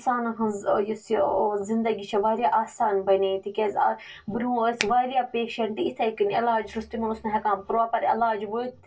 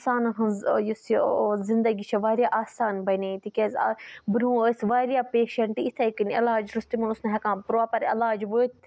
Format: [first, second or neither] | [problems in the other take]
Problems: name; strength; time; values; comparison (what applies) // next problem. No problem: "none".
second | background sound (Finger snapping); 7 dB below the speech // room echo; dies away in 0.1 s